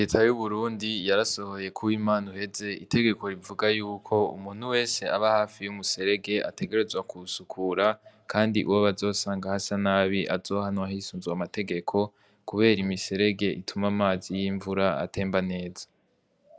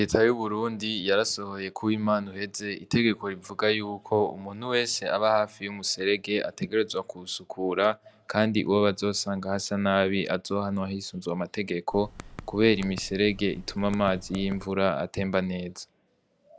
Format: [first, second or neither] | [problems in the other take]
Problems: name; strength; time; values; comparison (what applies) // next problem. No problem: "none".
first | background sound (Typing); 15 dB below the speech